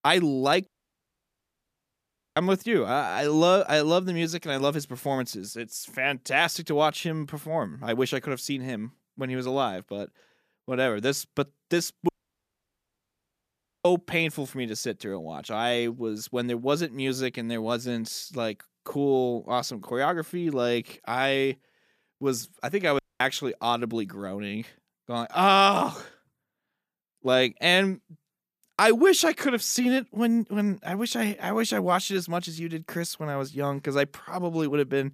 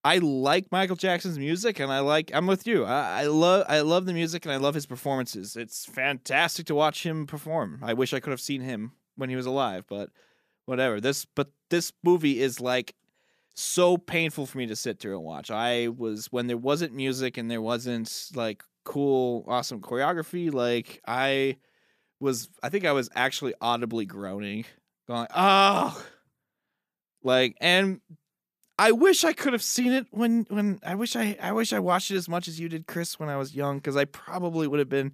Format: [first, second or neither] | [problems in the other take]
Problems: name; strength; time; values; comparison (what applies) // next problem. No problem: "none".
second | audio cutting out; at 0.5 s for 1.5 s, at 12 s for 2 s and at 23 s